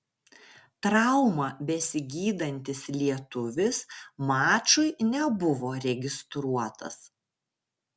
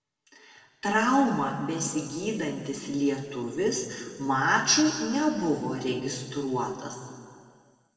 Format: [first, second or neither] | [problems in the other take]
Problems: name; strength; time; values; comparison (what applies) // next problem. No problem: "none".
first | room echo; dies away in 2.2 s